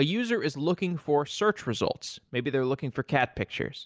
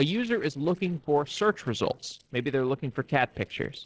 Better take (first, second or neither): first